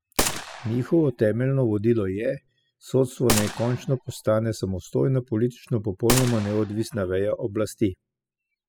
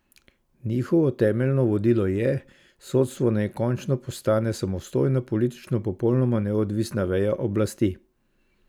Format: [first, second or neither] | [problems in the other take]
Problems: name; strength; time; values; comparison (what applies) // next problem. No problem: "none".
second | noise reduction (classical method spectral subtraction)